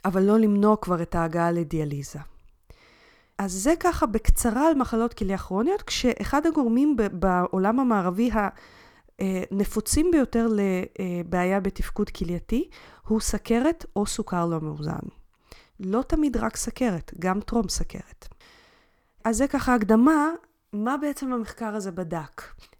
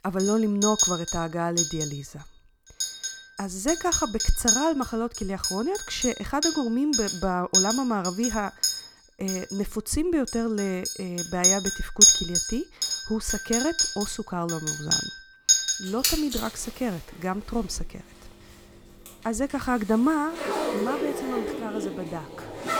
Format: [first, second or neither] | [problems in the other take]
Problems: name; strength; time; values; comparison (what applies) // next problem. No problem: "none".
first | household noises; very loud; throughout; 3 dB above the speech